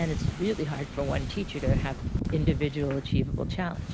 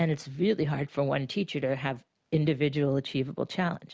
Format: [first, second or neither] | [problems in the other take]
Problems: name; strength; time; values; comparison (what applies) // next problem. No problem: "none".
second | background sound (Wind / Ocean); as loud as the speech